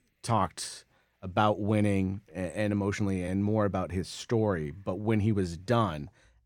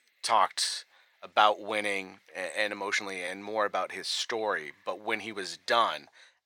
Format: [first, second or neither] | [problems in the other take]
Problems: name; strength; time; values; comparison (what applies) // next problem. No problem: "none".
first | thin; very; fading below 800 Hz